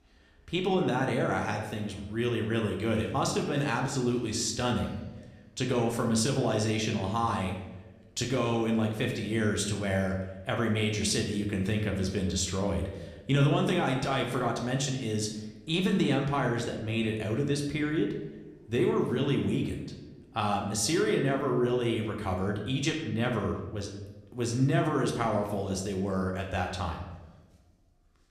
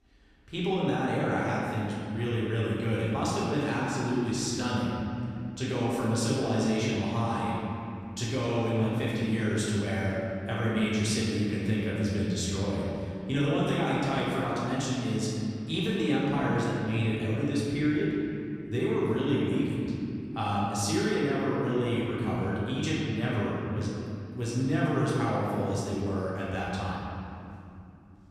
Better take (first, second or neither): first